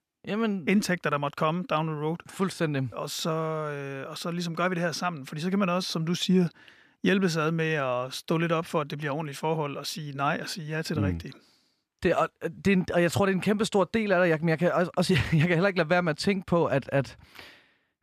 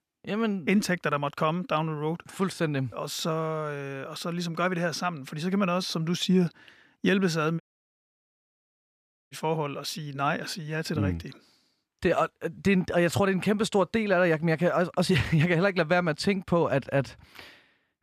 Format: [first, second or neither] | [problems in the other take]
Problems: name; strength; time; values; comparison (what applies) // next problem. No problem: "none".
first | audio cutting out; at 7.5 s for 1.5 s